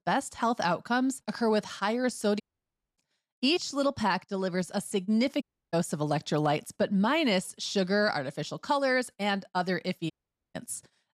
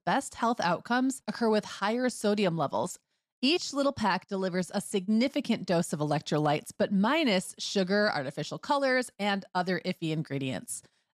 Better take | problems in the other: second | audio cutting out; at 2.5 s for 0.5 s, at 5.5 s and at 10 s

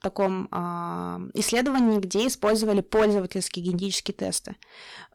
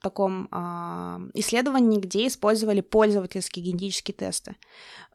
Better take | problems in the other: second | distortion; slight; 6% of the sound clipped

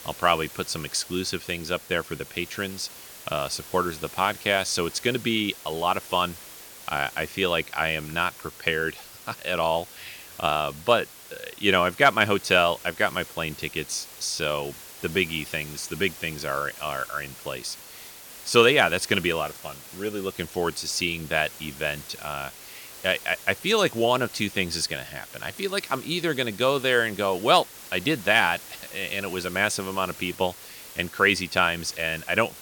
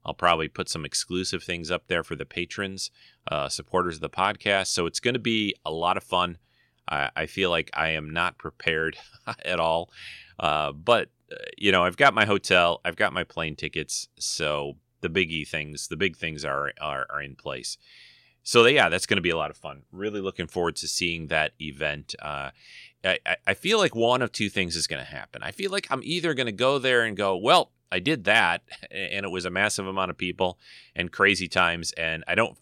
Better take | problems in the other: second | hiss; noticeable; throughout; 15 dB below the speech

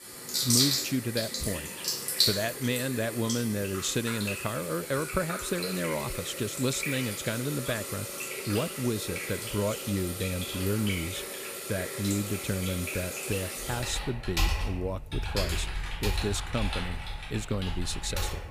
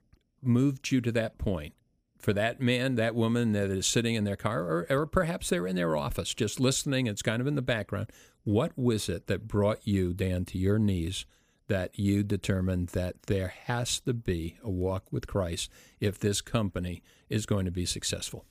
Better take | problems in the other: second | household noises; very loud; throughout; as loud as the speech

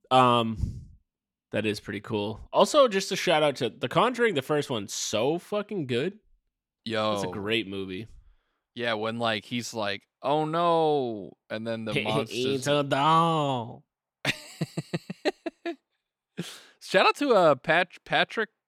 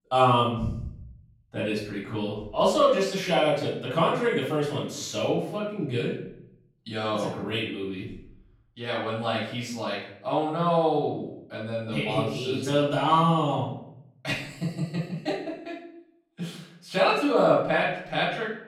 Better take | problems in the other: first | off-mic speech; far // room echo; noticeable; dies away in 0.7 s

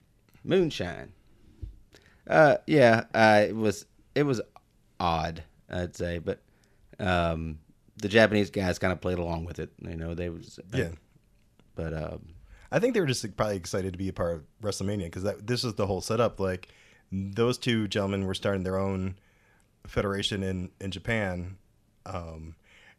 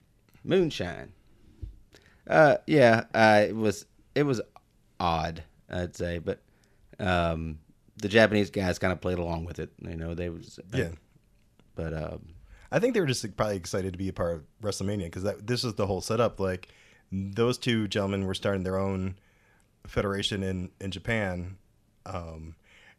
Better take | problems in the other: neither | none

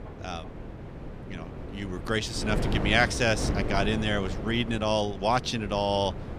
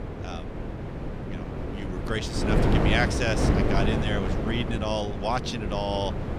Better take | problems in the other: first | wind noise on the microphone; heavy; 3 dB below the speech; occasional gusts in the first

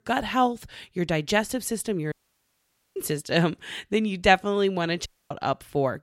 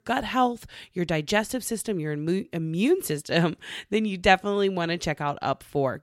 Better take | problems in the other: second | audio cutting out; at 2 s for 1 s and at 5 s

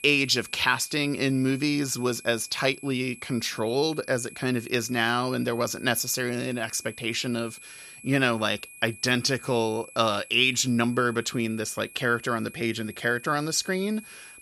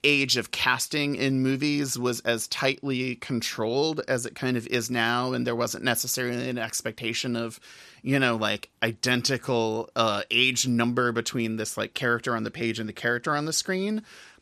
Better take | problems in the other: second | high-pitched whine; noticeable; throughout; 2.5 kHz, 20 dB below the speech

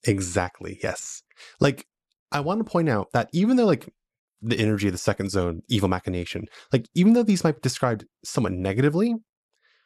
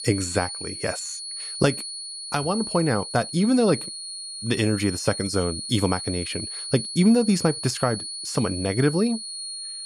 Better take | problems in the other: first | high-pitched whine; loud; throughout; 4.5 kHz, 7 dB below the speech

